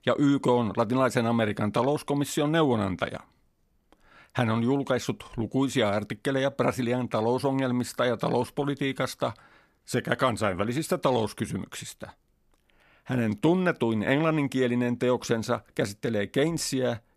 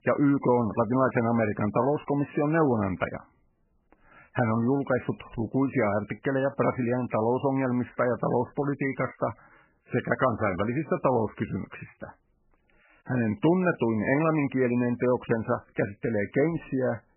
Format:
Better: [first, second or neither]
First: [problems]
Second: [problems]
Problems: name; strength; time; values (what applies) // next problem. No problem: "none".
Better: first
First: none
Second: garbled, watery; badly; nothing above 2.5 kHz